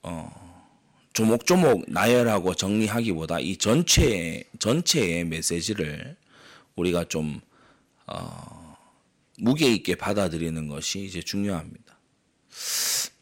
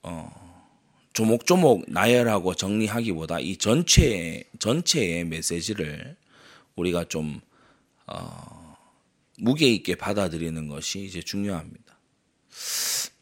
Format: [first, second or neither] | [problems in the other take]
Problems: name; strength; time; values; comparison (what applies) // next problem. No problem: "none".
second | distortion; slight; 1.6% of the sound clipped